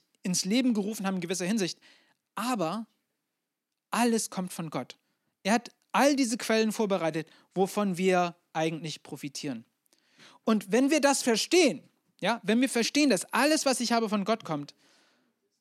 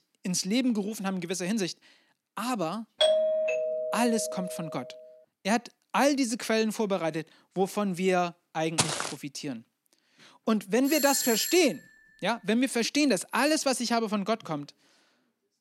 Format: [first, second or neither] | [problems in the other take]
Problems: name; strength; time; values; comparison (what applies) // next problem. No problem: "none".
first | doorbell; loud; from 3 to 4.5 s and at 11 s; peak 5 dB above the speech // footsteps; loud; at 9 s; peak 1 dB above the speech